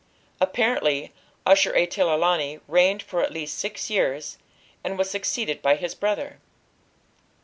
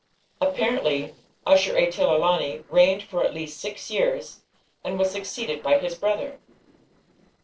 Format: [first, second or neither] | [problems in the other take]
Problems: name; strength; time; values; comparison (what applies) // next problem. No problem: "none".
first | noise reduction (neural separator model SepFormer DNS4)